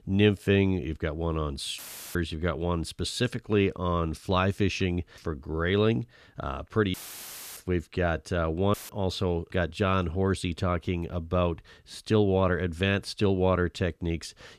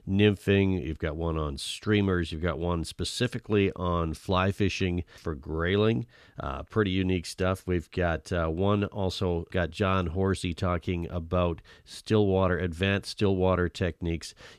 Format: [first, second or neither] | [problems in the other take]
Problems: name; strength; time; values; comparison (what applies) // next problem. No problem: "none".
second | audio cutting out; filled with static; at 2 s, at 7 s for 0.5 s and at 8.5 s